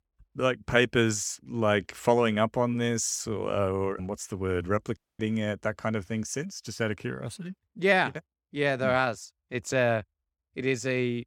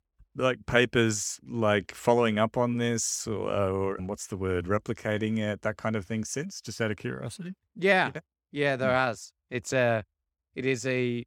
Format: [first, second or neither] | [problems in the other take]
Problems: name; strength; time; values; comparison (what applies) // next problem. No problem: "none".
second | audio cutting out; at 5 s